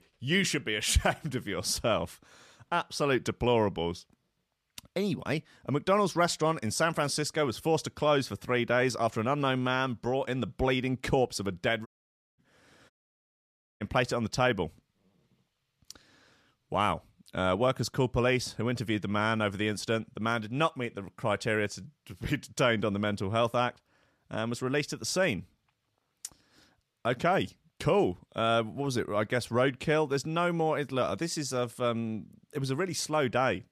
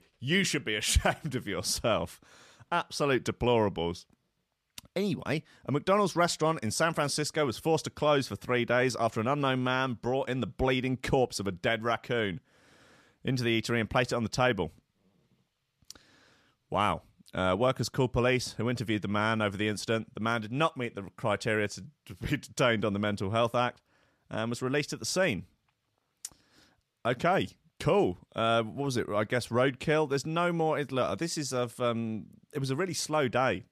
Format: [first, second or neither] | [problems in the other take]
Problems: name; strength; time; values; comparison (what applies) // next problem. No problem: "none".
second | audio cutting out; at 12 s for 0.5 s and at 13 s for 1 s